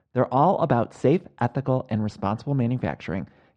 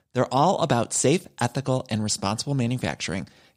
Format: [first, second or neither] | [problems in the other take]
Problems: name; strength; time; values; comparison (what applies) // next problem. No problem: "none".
second | muffled; very; fading above 1.5 kHz